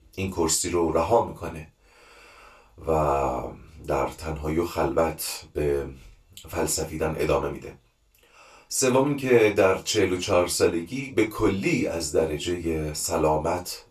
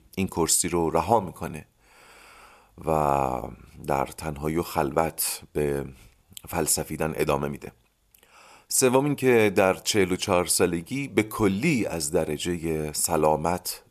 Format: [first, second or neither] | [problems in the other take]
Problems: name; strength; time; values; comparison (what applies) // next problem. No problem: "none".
second | room echo; slight; dies away in 0.2 s // off-mic speech; far